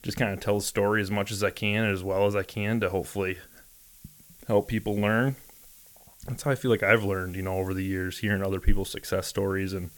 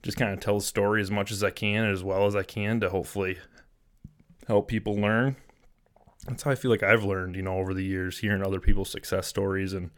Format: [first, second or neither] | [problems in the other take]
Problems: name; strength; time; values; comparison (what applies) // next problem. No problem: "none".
second | hiss; faint; throughout; 25 dB below the speech